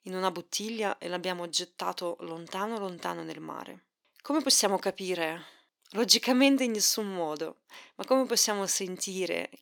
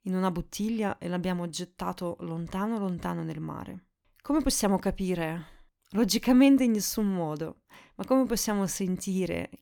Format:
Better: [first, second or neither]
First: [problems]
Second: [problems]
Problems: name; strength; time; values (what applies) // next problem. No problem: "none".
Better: second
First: thin; somewhat; fading below 400 Hz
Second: none